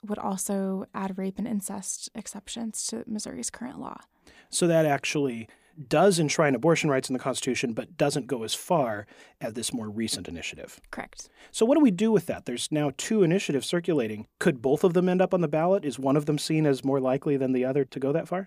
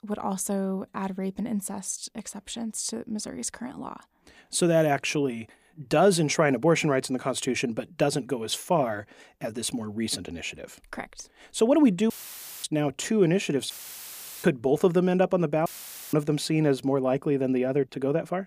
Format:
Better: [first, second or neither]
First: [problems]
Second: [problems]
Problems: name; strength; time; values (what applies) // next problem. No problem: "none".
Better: first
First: none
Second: audio cutting out; filled with static; at 12 s for 0.5 s, at 14 s for 0.5 s and at 16 s